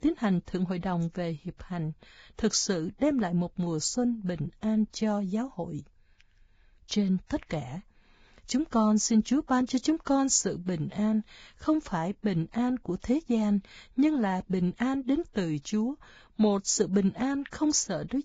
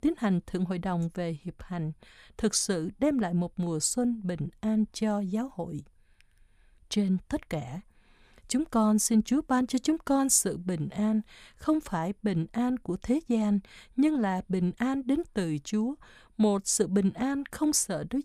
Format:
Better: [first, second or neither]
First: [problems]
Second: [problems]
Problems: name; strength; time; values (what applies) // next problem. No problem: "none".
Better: second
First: garbled, watery; badly; nothing above 7.5 kHz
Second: none